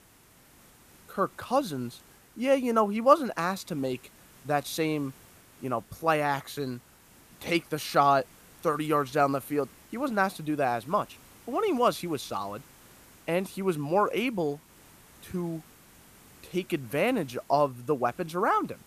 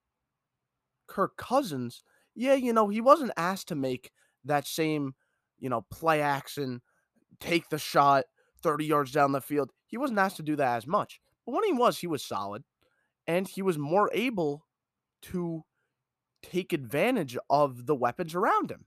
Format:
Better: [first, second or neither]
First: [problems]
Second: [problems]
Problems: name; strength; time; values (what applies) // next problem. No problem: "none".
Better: second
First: hiss; faint; throughout; 25 dB below the speech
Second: none